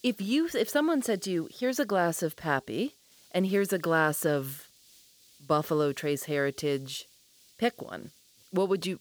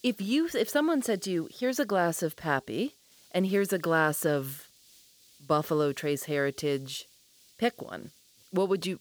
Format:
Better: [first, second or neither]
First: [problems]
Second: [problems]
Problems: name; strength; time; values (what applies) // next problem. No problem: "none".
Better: neither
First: hiss; faint; throughout; 25 dB below the speech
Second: hiss; faint; throughout; 25 dB below the speech